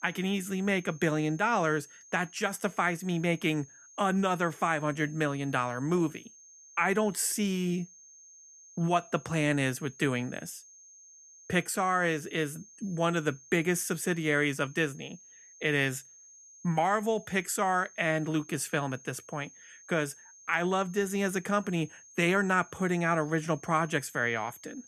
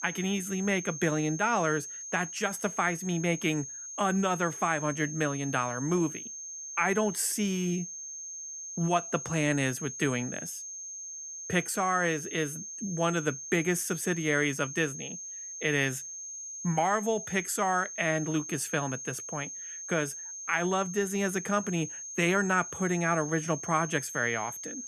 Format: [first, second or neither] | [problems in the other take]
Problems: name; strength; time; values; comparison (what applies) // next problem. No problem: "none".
first | high-pitched whine; loud; throughout; 6.5 kHz, 8 dB below the speech; faint in the first